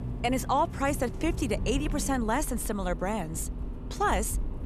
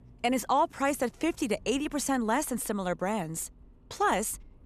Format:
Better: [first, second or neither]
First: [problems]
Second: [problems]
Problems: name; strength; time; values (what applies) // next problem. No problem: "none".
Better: second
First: traffic noise; loud; throughout; 7 dB below the speech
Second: traffic noise; faint; throughout; 25 dB below the speech